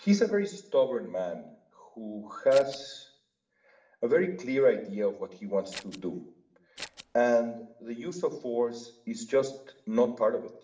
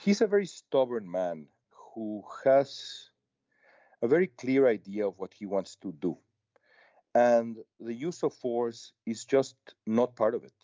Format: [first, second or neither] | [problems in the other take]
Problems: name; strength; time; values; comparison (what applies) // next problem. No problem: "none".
second | background sound (Scissors); 14 dB below the speech // room echo; dies away in 0.6 s